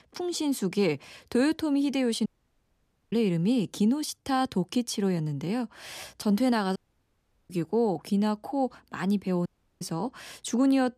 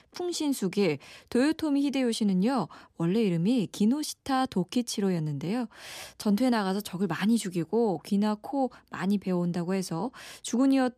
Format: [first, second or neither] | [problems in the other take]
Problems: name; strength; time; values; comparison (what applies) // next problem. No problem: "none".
second | audio cutting out; at 2.5 s for 1 s, at 7 s for 0.5 s and at 9.5 s